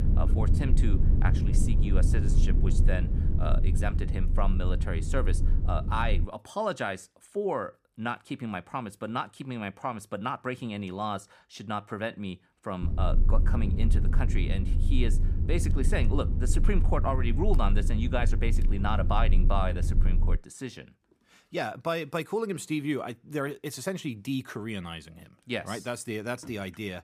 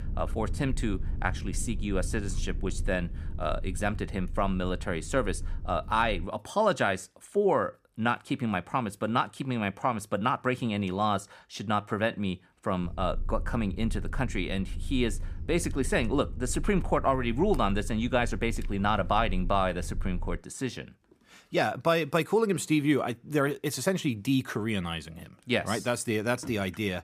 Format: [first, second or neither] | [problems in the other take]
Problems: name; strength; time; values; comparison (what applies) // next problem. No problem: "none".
second | low rumble; loud; until 6 s and from 13 to 20 s; 9 dB below the speech; faint in the second